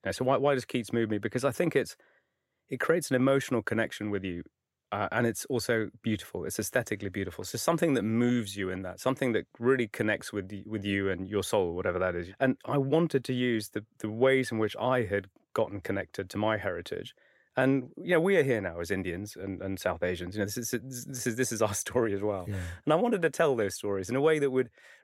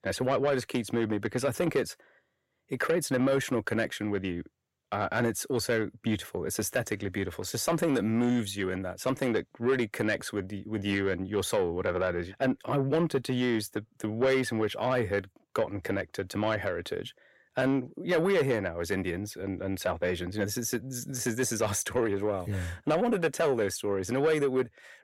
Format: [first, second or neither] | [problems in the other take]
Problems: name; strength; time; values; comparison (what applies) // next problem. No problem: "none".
first | distortion; slight; 10 dB below the speech